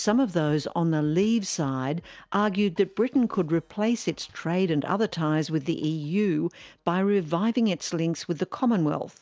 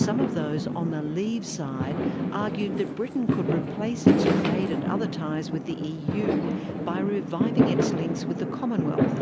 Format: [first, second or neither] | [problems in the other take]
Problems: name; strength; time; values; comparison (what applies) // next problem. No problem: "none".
first | background sound (Fireworks); 4 dB above the speech